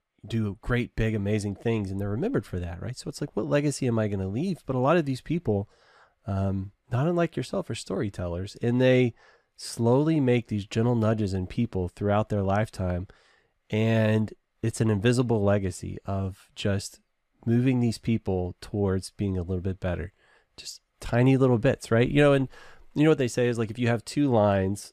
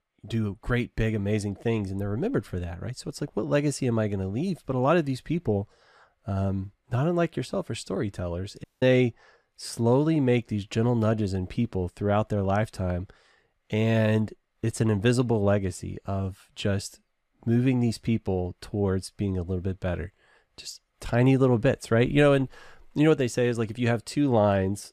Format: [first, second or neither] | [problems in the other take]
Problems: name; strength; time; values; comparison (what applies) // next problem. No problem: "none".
first | audio cutting out; at 8.5 s